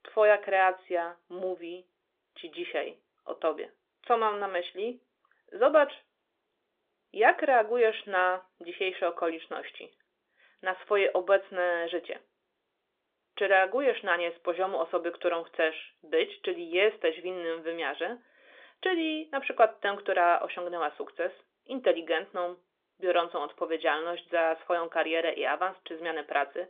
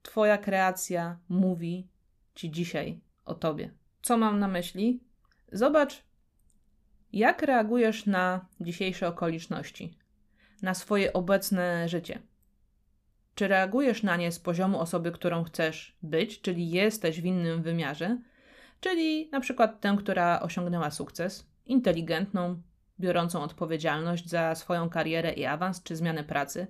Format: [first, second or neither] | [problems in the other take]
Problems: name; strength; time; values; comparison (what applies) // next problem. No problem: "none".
second | phone-call audio; nothing above 3.5 kHz